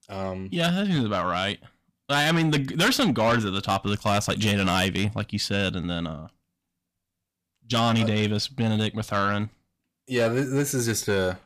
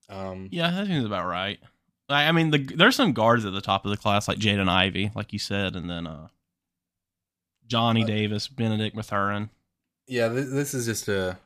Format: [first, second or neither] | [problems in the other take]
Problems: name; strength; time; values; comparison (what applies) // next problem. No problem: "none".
second | distortion; heavy; 8 dB below the speech